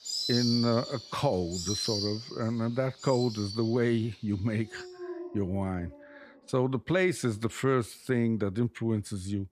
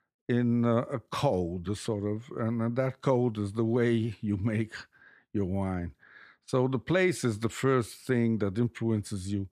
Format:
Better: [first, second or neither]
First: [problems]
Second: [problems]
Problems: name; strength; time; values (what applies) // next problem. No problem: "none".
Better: second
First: animal sounds; loud; throughout; 5 dB below the speech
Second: none